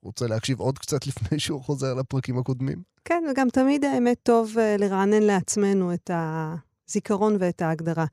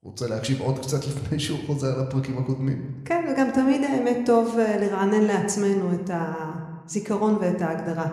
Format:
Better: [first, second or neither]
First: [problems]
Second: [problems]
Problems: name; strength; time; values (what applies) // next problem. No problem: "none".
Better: first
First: none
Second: room echo; slight; dies away in 1 s